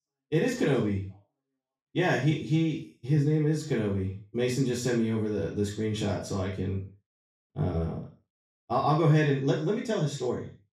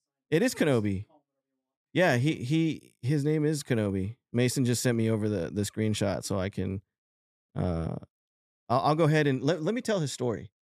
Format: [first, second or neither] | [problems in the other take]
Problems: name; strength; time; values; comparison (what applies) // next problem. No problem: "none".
second | room echo; noticeable; dies away in 0.4 s // off-mic speech; far